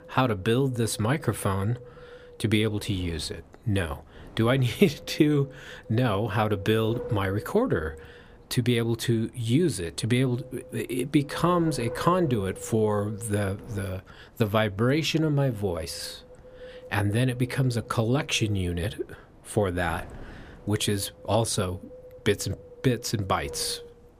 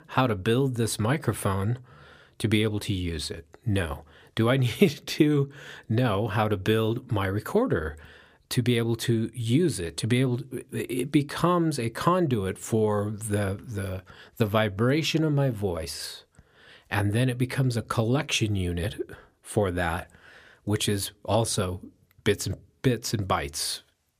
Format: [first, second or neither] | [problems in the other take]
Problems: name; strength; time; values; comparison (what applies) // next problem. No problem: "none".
second | wind noise on the microphone; occasional gusts; 15 dB below the speech